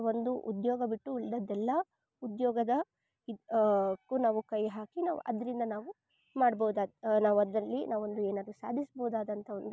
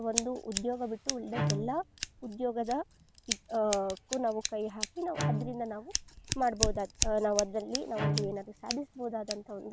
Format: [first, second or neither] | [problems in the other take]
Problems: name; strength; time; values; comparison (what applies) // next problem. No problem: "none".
first | background sound (Bowed string instrument + Scissors); 2 dB below the speech